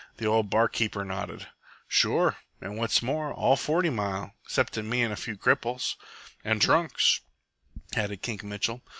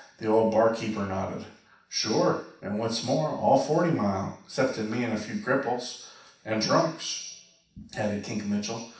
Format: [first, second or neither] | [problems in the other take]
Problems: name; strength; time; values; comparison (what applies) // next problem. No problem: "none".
first | room echo; dies away in 0.7 s